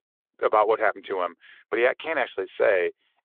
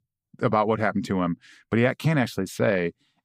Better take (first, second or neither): second